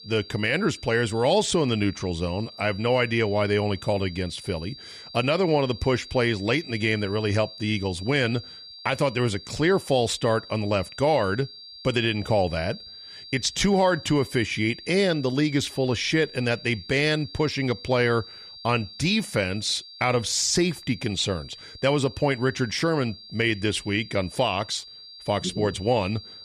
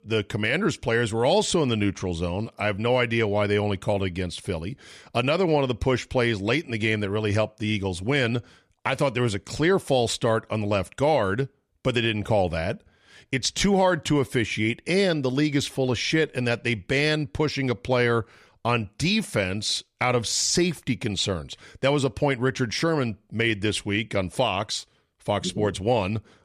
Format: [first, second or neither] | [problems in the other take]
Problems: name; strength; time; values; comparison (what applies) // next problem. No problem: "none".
second | high-pitched whine; noticeable; throughout; 4.5 kHz, 15 dB below the speech